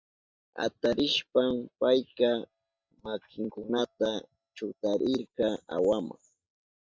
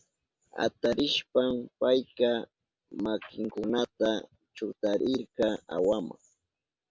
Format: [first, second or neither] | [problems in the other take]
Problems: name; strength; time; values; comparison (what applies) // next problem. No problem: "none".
second | noise reduction (neural mask model DeepFilterNet 3)